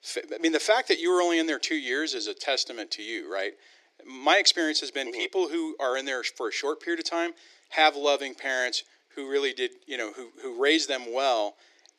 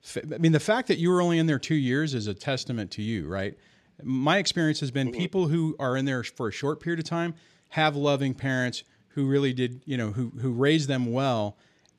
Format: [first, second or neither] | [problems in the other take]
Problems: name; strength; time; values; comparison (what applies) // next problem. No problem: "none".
second | thin; very; fading below 350 Hz